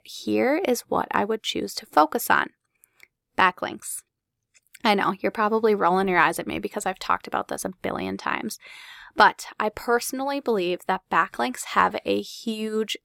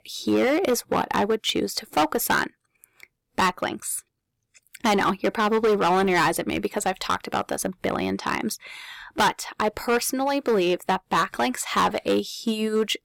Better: first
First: none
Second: distortion; heavy; 8% of the sound clipped

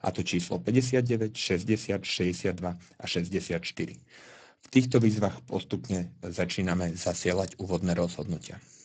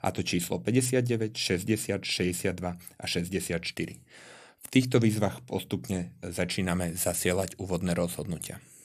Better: second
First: garbled, watery; badly; nothing above 7.5 kHz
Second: none

